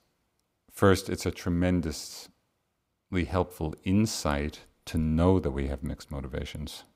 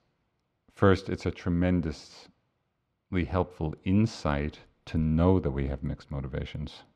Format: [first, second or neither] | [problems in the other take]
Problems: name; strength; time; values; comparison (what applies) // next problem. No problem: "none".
first | muffled; slightly; fading above 3.5 kHz